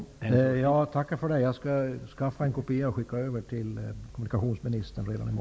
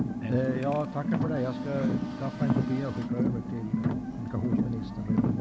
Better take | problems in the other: first | background sound (Car); 3 dB above the speech

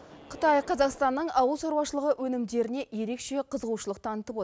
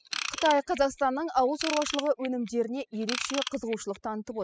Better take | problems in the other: first | noise reduction (classical method spectral subtraction)

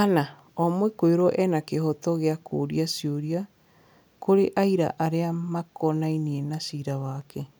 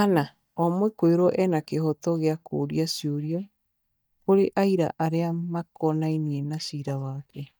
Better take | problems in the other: first | noise reduction (neural mask model DeepFilterNet 3)

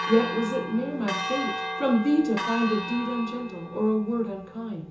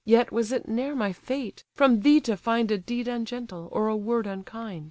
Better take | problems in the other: second | background sound (Church bell); 7 dB below the speech // room echo; dies away in 0.7 s

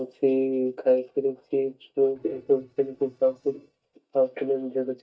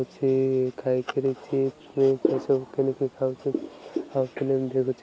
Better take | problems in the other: second | noise reduction (neural mask model DeepFilterNet 3)

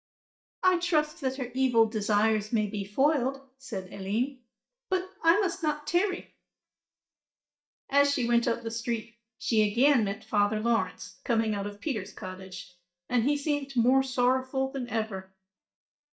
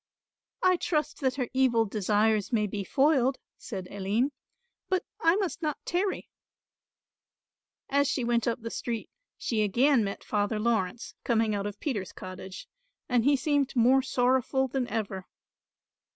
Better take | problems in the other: second | noise reduction (neural mask model DeepFilterNet 3)

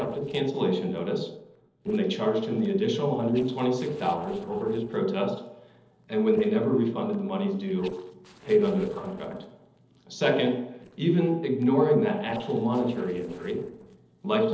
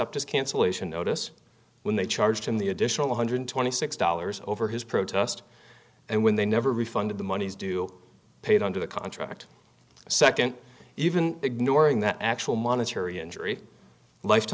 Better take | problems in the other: second | noise reduction (neural separator model SepFormer DNS4)

